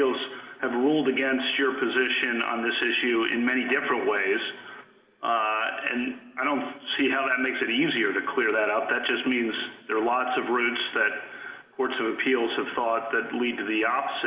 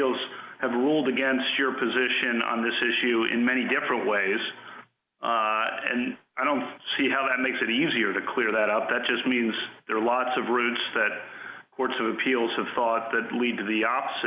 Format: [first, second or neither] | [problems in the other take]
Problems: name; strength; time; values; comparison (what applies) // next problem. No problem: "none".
second | room echo; dies away in 2.3 s